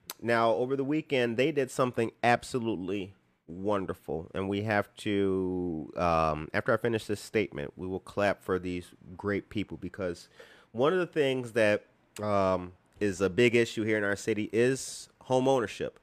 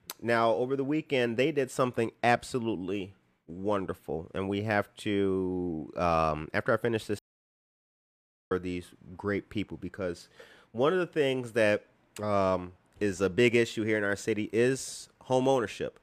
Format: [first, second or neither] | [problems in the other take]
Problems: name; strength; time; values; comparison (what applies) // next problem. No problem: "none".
first | audio cutting out; at 7 s for 1.5 s